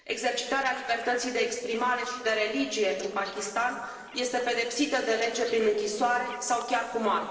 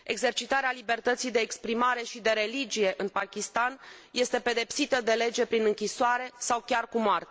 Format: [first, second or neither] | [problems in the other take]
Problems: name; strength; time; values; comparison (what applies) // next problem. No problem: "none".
second | noise reduction (neural separator model SepFormer DNS4)